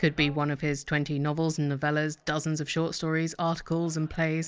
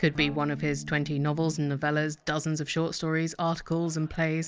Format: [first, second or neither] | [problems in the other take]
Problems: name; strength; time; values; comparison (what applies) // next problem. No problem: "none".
first | background sound (Electric guitar / Strum); 12 dB below the speech